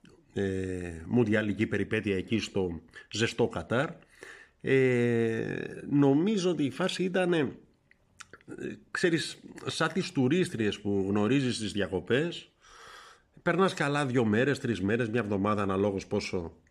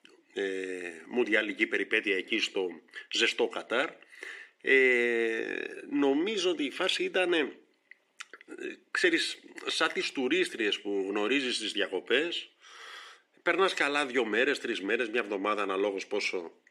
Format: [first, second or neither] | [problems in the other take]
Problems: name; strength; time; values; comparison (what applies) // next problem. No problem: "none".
first | thin; somewhat; fading below 300 Hz